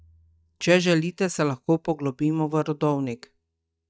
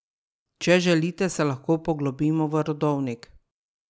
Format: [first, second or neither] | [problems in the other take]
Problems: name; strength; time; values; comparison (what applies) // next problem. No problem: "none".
second | noise reduction (neural mask model DeepFilterNet 3)